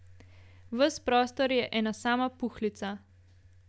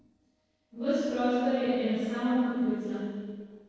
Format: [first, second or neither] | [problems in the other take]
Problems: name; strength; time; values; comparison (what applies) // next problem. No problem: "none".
first | noise reduction (neural separator model SepFormer DNS4)